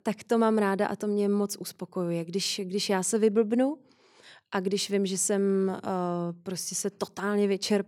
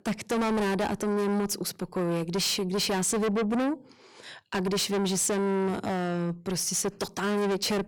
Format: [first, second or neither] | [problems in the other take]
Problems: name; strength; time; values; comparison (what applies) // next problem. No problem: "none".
first | distortion; heavy; 5 dB below the speech